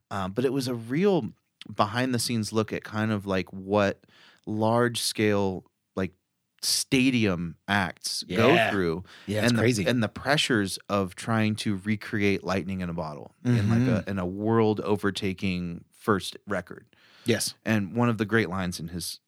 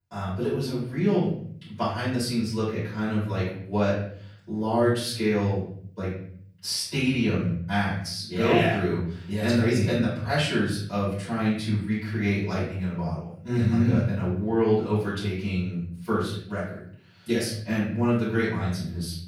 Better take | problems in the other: first | off-mic speech; far // room echo; noticeable; dies away in 1 s

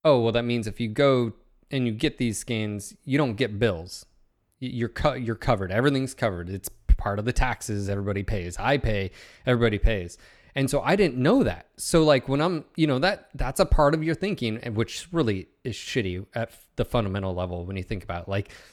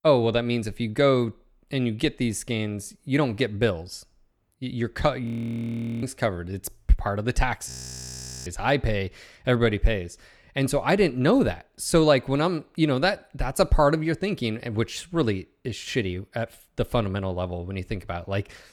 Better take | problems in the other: first | audio freezing; at 5.5 s for 1 s and at 7.5 s for 1 s

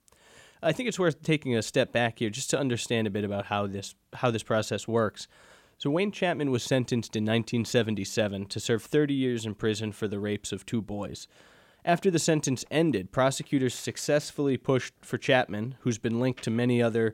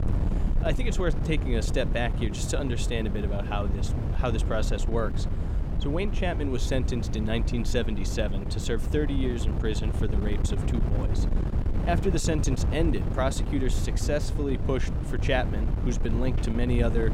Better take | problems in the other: first | wind noise on the microphone; heavy; 8 dB below the speech

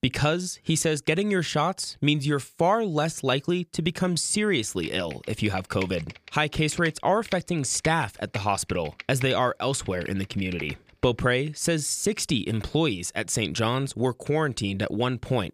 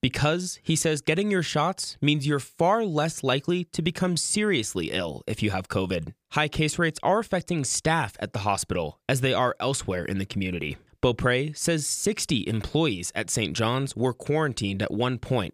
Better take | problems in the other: second | keyboard typing; faint; from 5 to 11 s; peak 10 dB below the speech

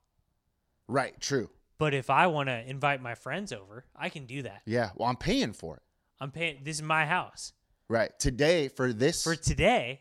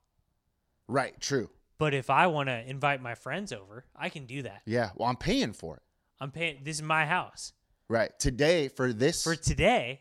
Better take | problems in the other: neither | none

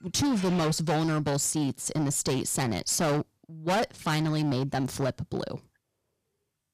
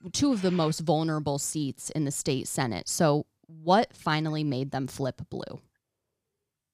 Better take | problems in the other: second | distortion; heavy; 16% of the sound clipped

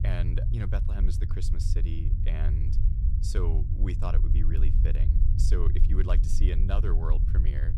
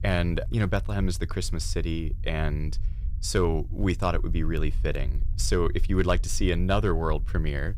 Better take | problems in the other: second | low rumble; loud; throughout; 4 dB below the speech; faint in the second

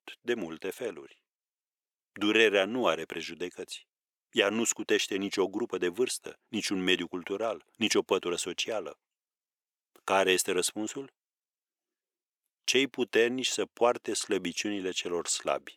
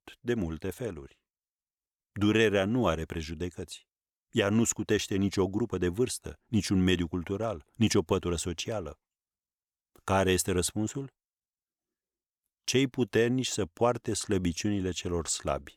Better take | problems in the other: second | thin; somewhat; fading below 400 Hz

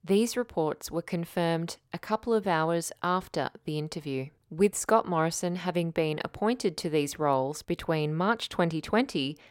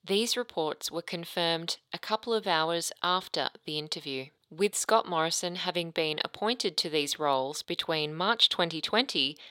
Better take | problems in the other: first | thin; very slightly; fading below 900 Hz

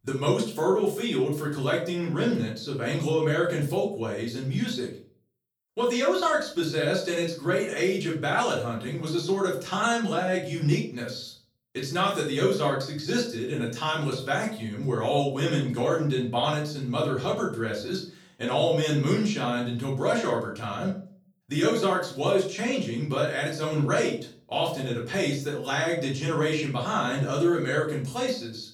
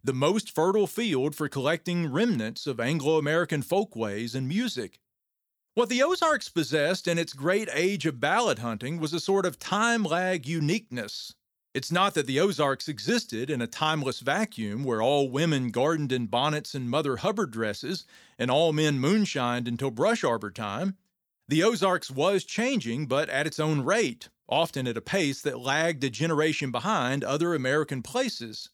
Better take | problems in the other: second | off-mic speech; far // room echo; slight; dies away in 0.4 s

